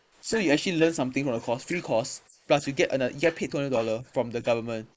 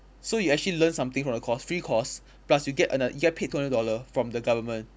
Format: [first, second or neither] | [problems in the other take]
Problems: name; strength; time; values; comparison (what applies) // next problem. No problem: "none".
second | noise reduction (neural mask model Resemble Enhance denoiser)